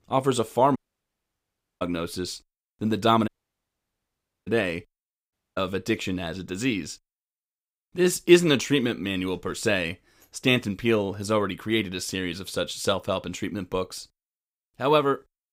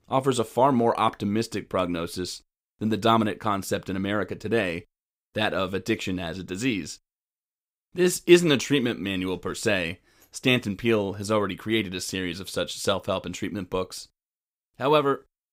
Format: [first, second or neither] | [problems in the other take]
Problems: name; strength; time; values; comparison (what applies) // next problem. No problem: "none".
second | audio cutting out; at 1 s for 1 s, at 3.5 s for 1 s and at 5.5 s